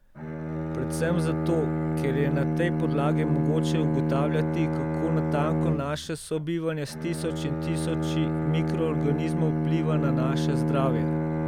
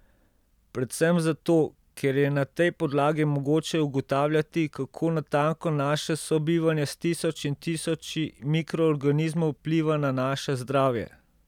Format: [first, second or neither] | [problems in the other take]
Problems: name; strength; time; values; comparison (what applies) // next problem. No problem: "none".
second | background sound (Bowed string instrument); 3 dB above the speech